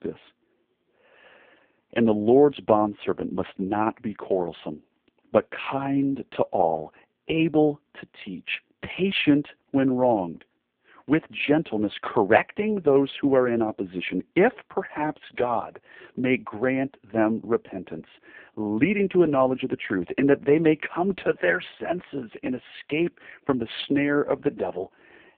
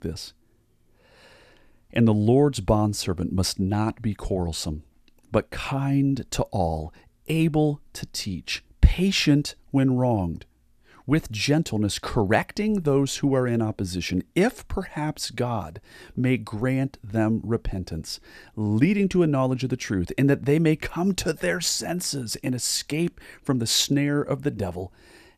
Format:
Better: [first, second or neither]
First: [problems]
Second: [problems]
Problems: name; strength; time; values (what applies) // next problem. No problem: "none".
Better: second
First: phone-call audio; poor line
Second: none